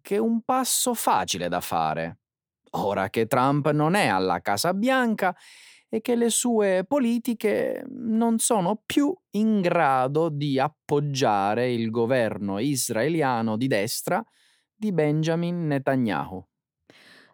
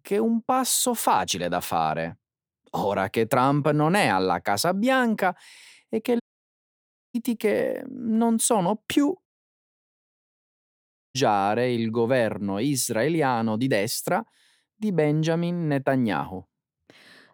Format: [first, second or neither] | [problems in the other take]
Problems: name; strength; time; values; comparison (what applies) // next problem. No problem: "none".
first | audio cutting out; at 6 s for 1 s and at 9.5 s for 2 s